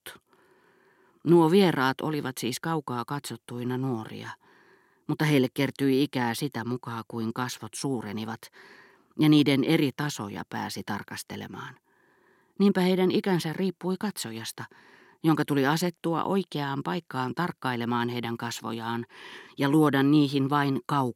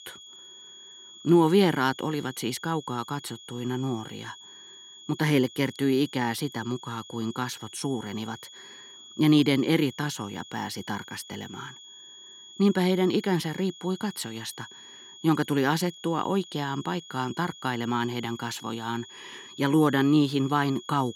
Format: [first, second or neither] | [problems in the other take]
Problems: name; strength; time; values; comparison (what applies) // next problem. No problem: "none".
first | high-pitched whine; noticeable; throughout; 3.5 kHz, 20 dB below the speech